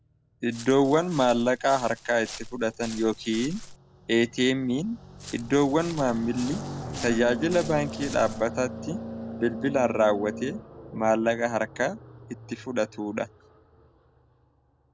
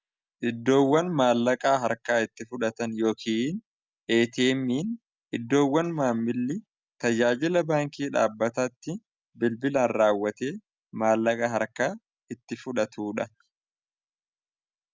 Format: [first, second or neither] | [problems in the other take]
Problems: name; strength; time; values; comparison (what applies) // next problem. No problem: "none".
second | background sound (Car passing by + Walk, footsteps); 13 dB below the speech